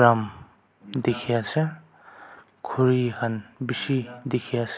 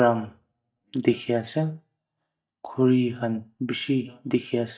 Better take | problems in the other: first | noise reduction (neural mask model DeepFilterNet 3)

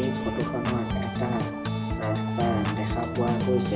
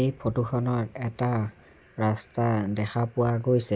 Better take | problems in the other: second | background sound (Organ); 2 dB above the speech // room echo; dies away in 0.8 s

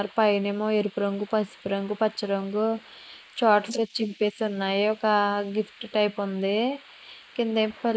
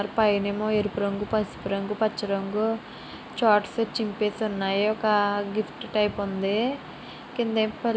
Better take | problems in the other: second | noise reduction (neural mask model Resemble Enhance denoiser)

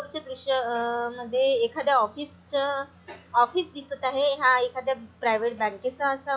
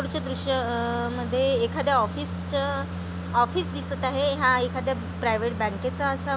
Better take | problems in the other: second | noise reduction (classical method log-MMSE)

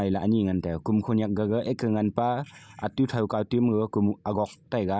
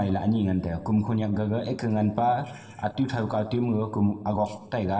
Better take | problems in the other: first | room echo; dies away in 2.6 s

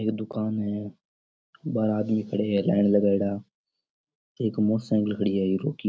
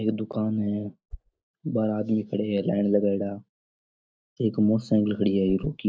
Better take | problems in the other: first | noise reduction (neural mask model DeepFilterNet 3)

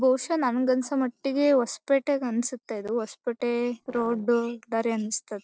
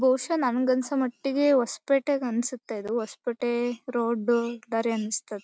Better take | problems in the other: second | noise reduction (neural separator model SepFormer DNS4)

